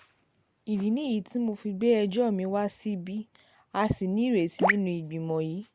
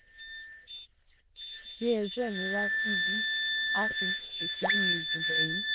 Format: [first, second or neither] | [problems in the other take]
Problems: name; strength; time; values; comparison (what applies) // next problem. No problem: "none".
first | noise reduction (neural diffusion model UNIVERSE++)